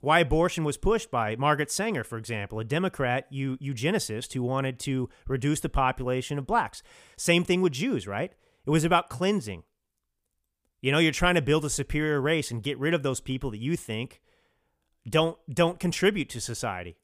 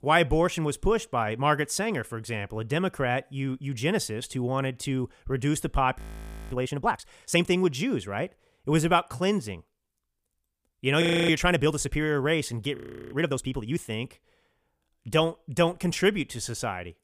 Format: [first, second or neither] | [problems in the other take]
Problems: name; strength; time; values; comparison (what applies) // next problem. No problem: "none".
first | audio freezing; at 6 s for 0.5 s, at 11 s and at 13 s